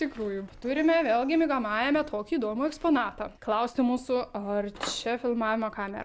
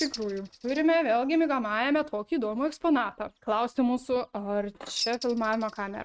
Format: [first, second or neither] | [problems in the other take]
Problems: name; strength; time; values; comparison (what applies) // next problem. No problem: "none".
first | noise reduction (neural mask model RNNoise)